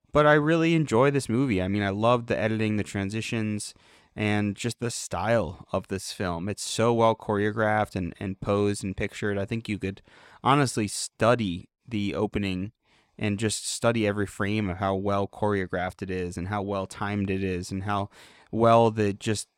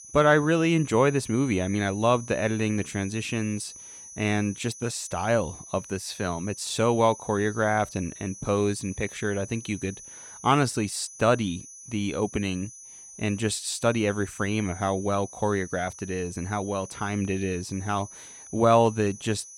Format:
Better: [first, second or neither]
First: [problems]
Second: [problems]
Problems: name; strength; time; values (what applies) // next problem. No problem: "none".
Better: first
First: none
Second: high-pitched whine; noticeable; throughout; 6 kHz, 15 dB below the speech